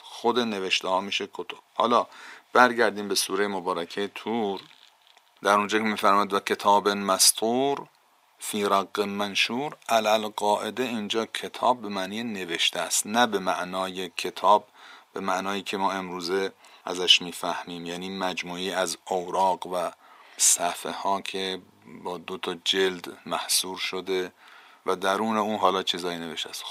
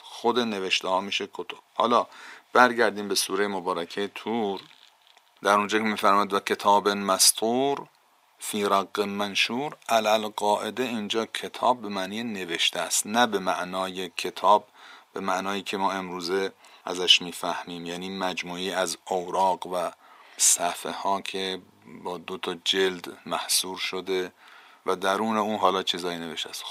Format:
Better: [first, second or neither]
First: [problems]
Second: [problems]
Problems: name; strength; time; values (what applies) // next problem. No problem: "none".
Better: neither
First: thin; very; fading below 600 Hz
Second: thin; very; fading below 600 Hz